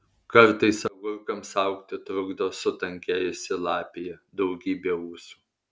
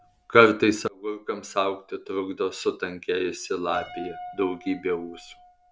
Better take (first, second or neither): first